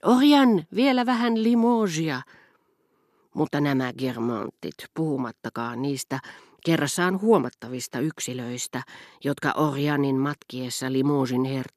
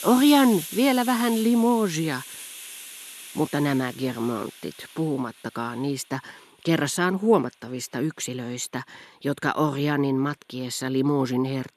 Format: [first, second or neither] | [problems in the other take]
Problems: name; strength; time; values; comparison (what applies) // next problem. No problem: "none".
first | hiss; noticeable; throughout; 10 dB below the speech